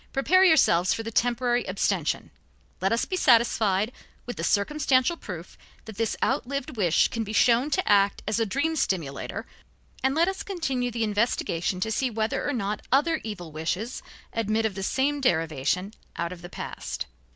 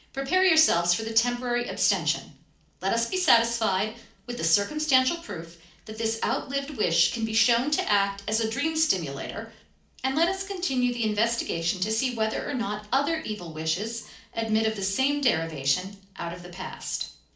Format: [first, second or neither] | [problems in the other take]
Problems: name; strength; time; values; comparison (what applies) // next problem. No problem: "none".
first | room echo; dies away in 0.4 s